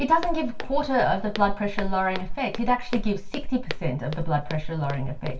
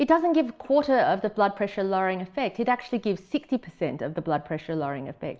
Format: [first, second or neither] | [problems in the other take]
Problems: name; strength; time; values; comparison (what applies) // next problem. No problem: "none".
second | background sound (Walk, footsteps); 3 dB below the speech // room echo; dies away in 0.2 s